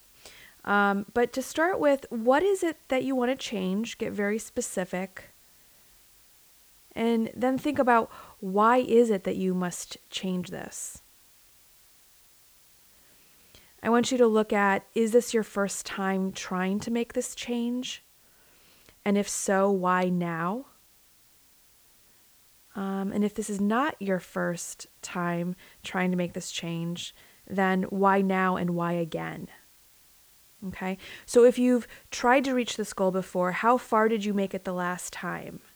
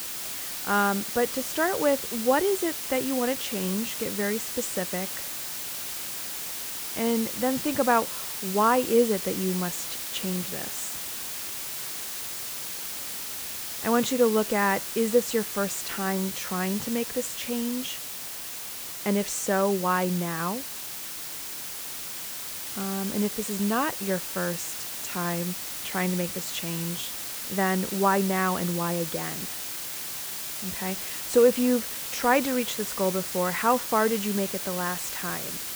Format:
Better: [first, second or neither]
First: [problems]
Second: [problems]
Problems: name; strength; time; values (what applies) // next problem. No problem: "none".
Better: first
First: hiss; faint; throughout; 30 dB below the speech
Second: hiss; loud; throughout; 4 dB below the speech